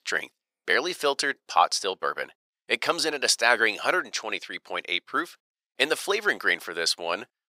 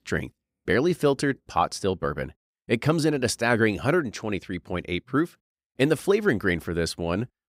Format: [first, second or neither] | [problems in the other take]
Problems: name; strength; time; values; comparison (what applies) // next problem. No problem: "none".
second | thin; very; fading below 750 Hz